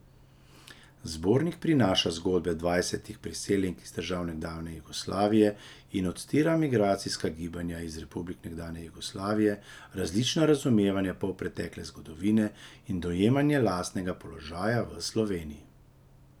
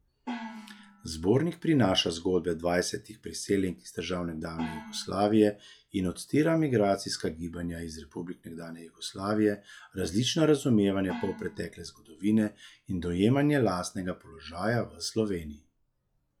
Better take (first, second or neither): first